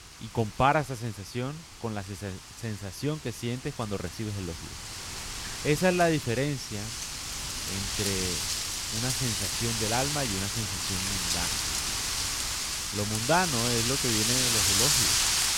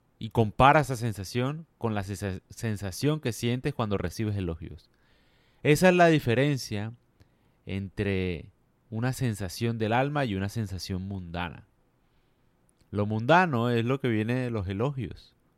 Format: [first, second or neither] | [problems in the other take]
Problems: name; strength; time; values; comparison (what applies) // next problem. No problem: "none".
second | wind noise on the microphone; heavy; 3 dB above the speech